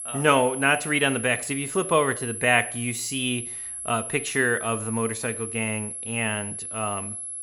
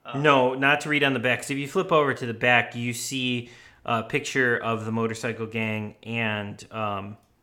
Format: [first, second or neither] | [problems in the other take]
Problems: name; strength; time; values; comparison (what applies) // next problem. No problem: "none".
second | high-pitched whine; loud; throughout; 11 kHz, 7 dB below the speech